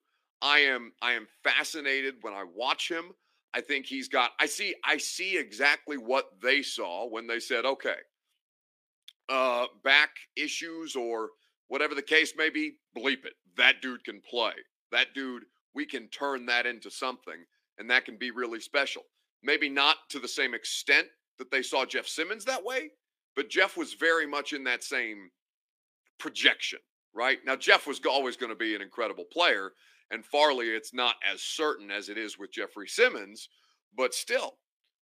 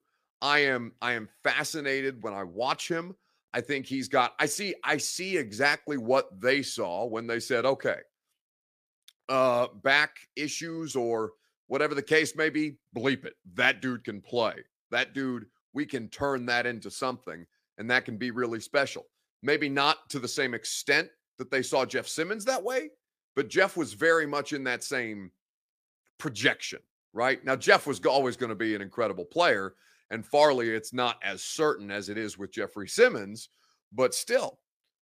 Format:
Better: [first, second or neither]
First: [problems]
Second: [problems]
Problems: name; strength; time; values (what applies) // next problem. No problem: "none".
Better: second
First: thin; very slightly; fading below 300 Hz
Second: none